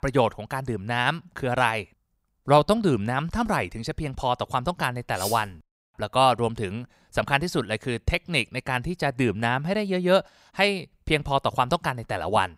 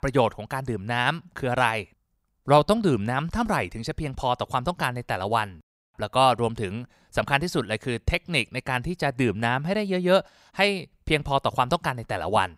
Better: second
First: clattering dishes; noticeable; at 5 s; peak 8 dB below the speech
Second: none

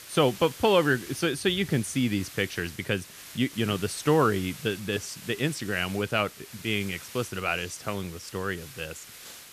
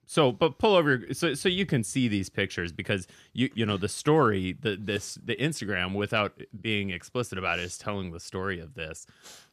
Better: second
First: hiss; noticeable; throughout; 15 dB below the speech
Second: none

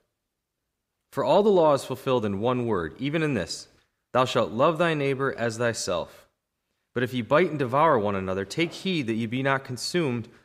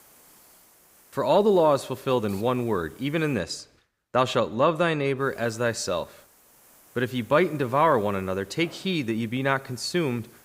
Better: first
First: none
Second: hiss; faint; until 3.5 s and from 5 s on; 25 dB below the speech

